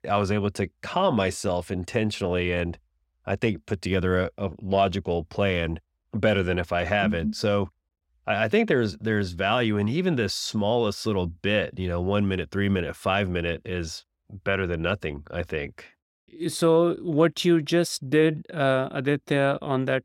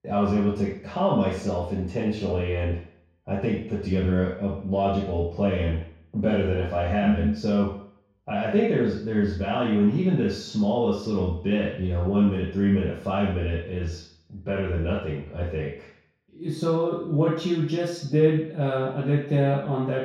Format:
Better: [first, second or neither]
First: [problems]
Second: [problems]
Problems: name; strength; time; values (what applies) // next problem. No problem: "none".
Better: first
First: none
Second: room echo; noticeable; dies away in 0.6 s // off-mic speech; far